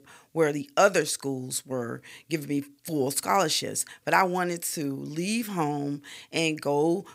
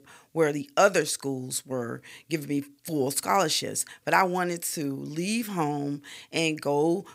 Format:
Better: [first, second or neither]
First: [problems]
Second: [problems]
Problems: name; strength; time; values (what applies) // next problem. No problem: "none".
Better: neither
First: none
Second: none